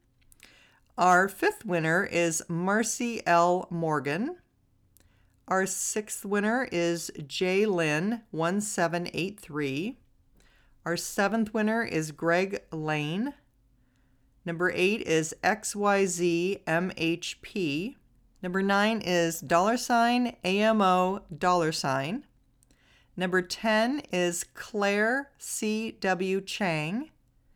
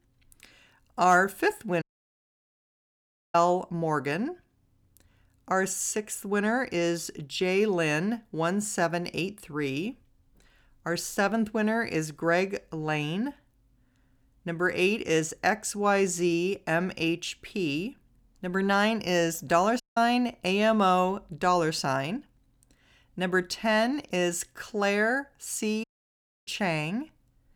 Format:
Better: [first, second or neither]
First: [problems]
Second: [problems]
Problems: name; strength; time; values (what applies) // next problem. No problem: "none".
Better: first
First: none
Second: audio cutting out; at 2 s for 1.5 s, at 20 s and at 26 s for 0.5 s